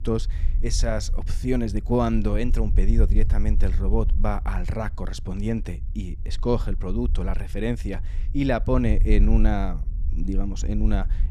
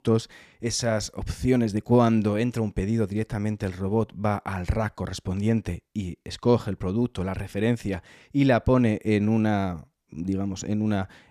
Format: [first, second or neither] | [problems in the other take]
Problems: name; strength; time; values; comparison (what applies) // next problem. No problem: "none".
second | low rumble; noticeable; throughout; 20 dB below the speech